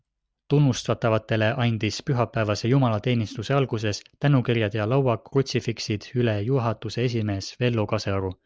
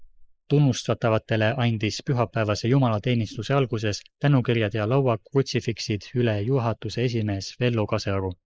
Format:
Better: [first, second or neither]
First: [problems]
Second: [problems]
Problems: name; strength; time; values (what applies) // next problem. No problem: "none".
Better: first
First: none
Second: noise reduction (neural mask model Resemble Enhance denoiser)